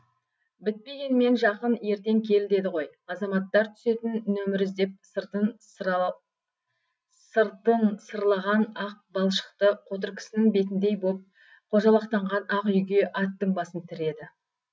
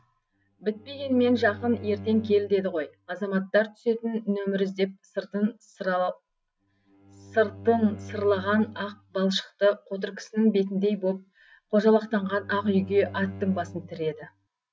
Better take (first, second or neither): first